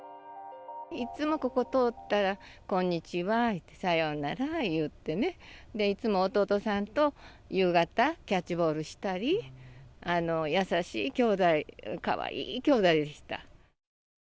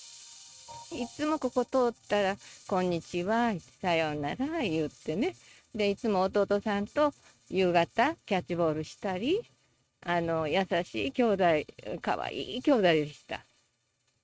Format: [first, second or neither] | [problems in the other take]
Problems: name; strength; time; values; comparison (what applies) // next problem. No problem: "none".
first | noise reduction (neural mask model RNNoise)